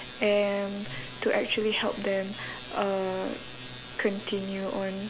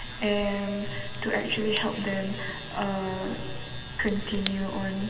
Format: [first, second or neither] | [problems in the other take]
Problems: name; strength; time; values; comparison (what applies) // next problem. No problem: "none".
first | background sound (Fire / Rain); 11 dB below the speech // room echo; dies away in 2.2 s